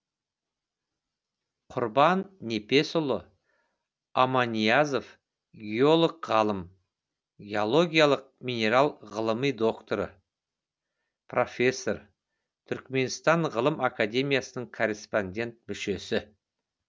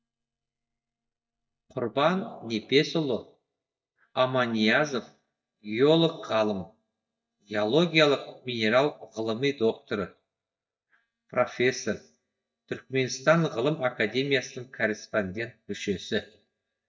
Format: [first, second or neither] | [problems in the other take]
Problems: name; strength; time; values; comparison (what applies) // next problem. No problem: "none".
first | noise reduction (neural mask model DeepFilterNet 3)